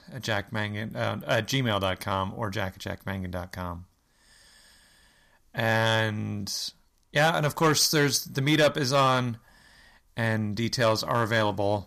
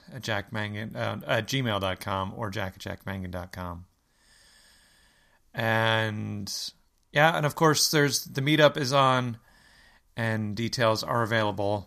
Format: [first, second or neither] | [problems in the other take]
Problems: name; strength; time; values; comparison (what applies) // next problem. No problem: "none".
second | distortion; slight; 2% of the sound clipped